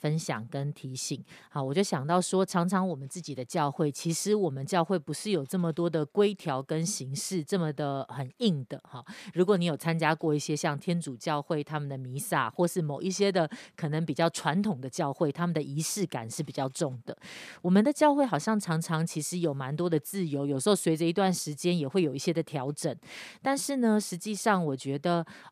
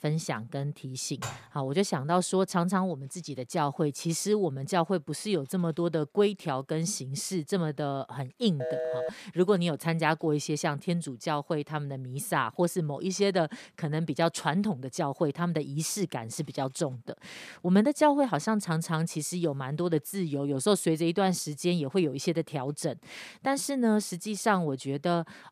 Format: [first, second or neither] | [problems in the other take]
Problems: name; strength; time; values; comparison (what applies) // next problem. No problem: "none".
first | clattering dishes; faint; at 1 s; peak 10 dB below the speech // phone ringing; noticeable; at 8.5 s; peak 2 dB below the speech